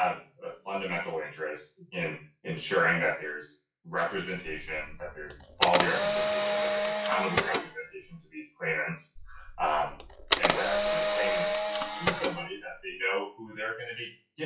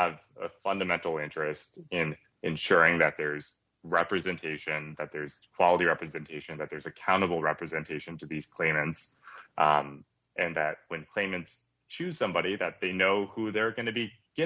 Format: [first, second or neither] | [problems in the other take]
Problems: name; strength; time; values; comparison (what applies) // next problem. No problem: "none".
second | noise reduction (classical method WPE with log-MMSE)